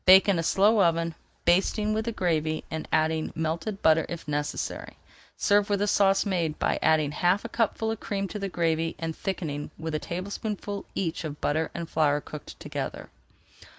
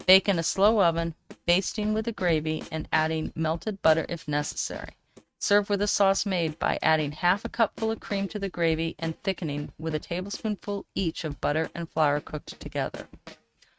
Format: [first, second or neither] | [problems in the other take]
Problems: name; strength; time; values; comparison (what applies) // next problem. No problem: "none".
first | noise reduction (neural mask model RNNoise)